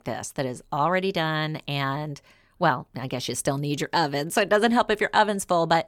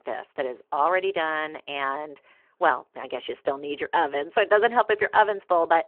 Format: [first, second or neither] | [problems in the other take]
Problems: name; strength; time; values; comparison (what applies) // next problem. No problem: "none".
first | phone-call audio